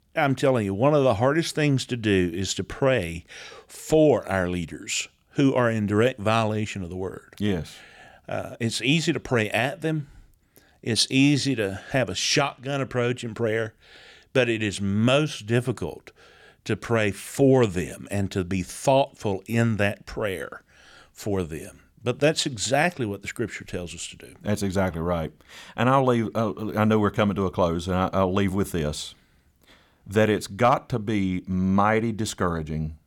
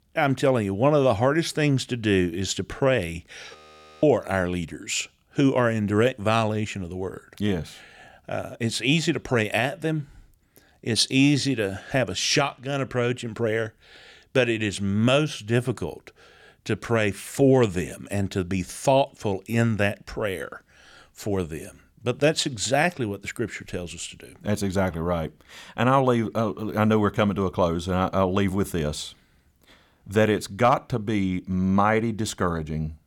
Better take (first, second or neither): first